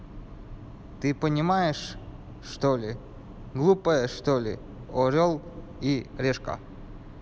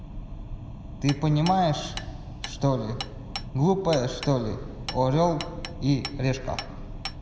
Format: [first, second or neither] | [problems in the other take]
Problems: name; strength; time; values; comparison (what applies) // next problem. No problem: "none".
first | background sound (Hammer); 15 dB below the speech // room echo; dies away in 2 s